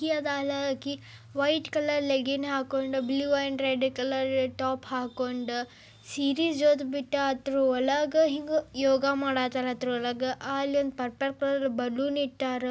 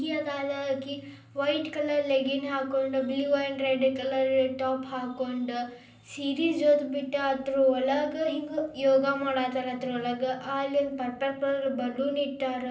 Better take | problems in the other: first | room echo; dies away in 0.6 s

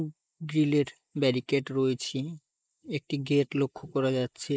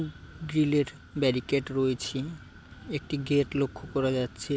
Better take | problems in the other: second | noise reduction (neural mask model Resemble Enhance denoiser)

